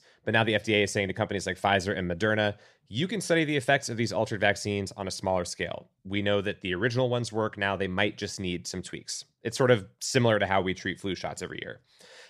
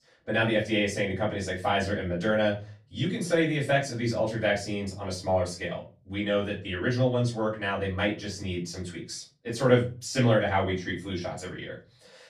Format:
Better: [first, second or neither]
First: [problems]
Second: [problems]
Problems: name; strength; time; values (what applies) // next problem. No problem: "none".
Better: first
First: none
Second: off-mic speech; far // room echo; slight; dies away in 0.3 s